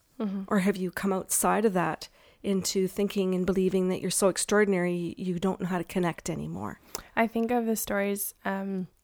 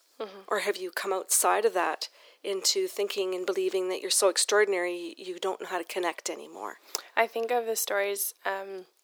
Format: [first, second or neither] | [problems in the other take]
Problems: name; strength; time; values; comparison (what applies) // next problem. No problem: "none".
first | thin; very; fading below 350 Hz